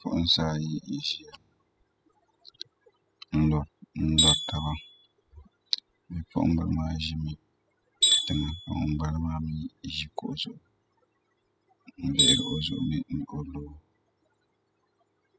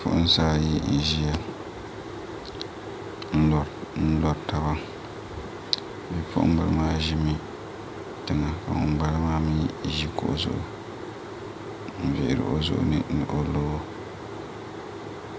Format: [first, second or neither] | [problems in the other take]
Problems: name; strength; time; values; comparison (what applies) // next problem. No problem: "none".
second | noise reduction (classical method spectral subtraction)